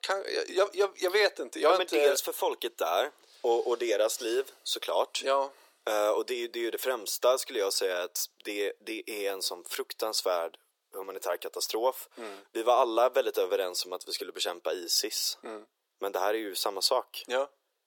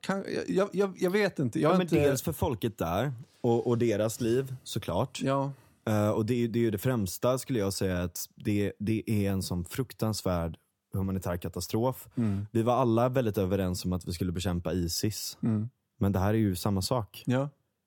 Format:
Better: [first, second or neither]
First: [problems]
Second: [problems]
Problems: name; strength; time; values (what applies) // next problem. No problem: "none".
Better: second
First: thin; very; fading below 400 Hz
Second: none